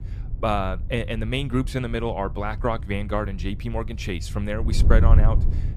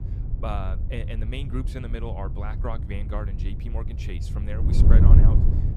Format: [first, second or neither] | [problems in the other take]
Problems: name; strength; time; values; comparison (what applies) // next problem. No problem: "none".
first | wind noise on the microphone; heavy; 2 dB below the speech; occasional gusts in the first